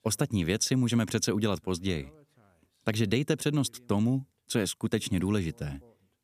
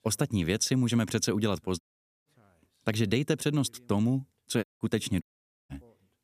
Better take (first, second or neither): first